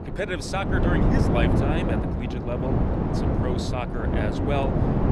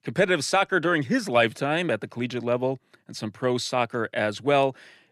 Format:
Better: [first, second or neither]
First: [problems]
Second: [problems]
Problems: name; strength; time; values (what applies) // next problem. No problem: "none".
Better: second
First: wind noise on the microphone; heavy; as loud as the speech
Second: none